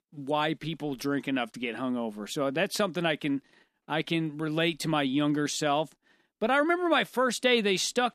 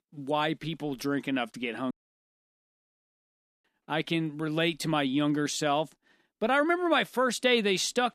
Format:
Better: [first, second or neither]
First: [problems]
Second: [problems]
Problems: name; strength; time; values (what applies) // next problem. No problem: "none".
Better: first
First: none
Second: audio cutting out; at 2 s for 1.5 s